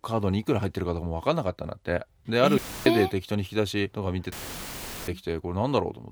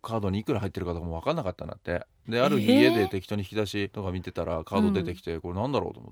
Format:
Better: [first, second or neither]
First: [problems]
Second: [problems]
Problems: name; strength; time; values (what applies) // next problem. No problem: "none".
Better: second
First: audio cutting out; filled with static; at 2.5 s and at 4.5 s for 1 s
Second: none